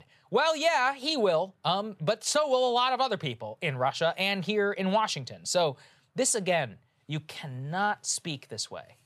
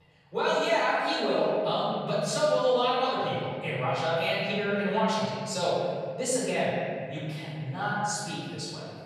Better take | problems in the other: first | off-mic speech; far // room echo; strong; dies away in 2.1 s

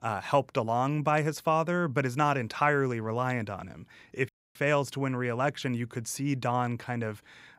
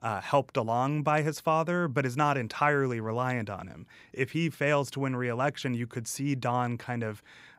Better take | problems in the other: second | audio cutting out; at 4.5 s

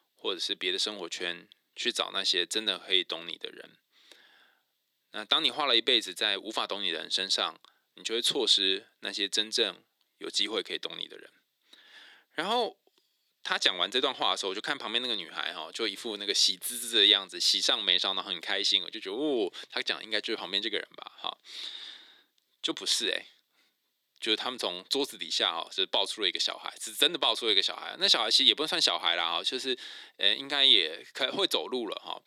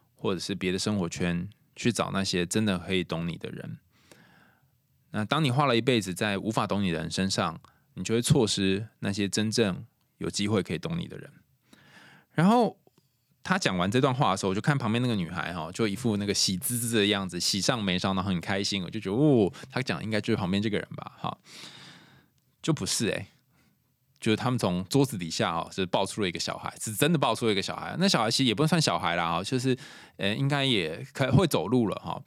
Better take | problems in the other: second | thin; somewhat; fading below 350 Hz

